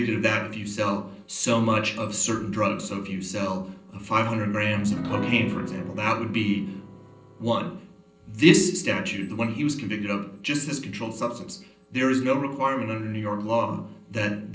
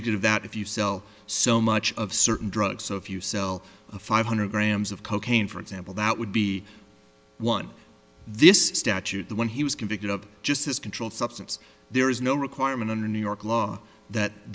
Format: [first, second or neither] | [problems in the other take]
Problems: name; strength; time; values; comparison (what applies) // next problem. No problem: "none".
second | noise reduction (neural separator model SepFormer DNS4)